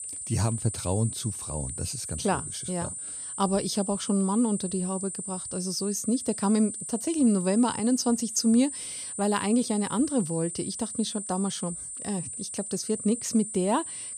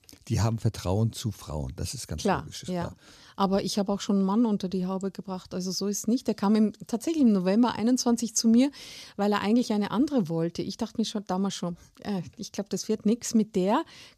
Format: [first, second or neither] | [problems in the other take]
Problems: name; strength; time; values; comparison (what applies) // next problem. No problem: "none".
second | high-pitched whine; loud; throughout; 8.5 kHz, 6 dB below the speech